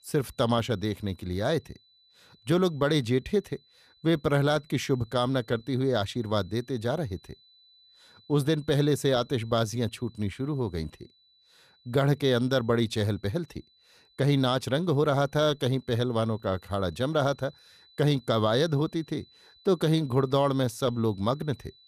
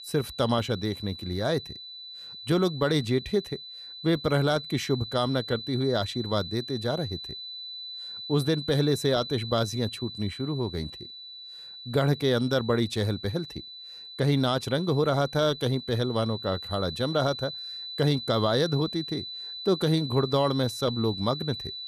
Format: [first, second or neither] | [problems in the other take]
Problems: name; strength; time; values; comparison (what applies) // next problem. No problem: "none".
first | high-pitched whine; loud; throughout; 4 kHz, 10 dB below the speech; faint in the first